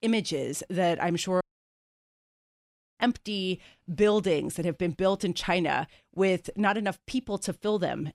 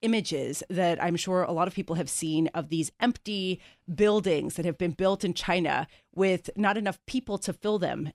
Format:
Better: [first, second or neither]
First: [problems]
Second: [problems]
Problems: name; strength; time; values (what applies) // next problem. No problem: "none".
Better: second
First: audio cutting out; at 1.5 s for 1.5 s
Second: none